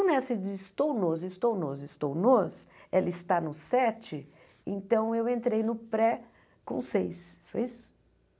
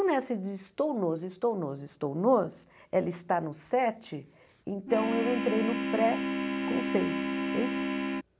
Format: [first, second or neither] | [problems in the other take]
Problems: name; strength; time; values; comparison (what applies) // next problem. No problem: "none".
first | background sound (Organ); as loud as the speech